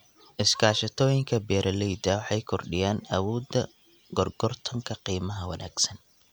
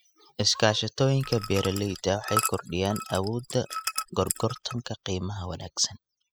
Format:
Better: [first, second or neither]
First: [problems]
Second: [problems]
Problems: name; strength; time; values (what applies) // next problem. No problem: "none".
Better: first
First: none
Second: noise reduction (classical method spectral subtraction)